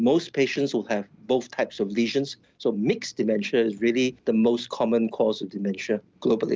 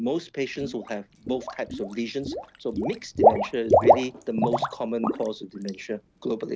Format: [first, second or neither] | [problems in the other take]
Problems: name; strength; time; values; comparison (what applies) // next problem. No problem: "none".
first | background sound (Water / Liquid); 4 dB above the speech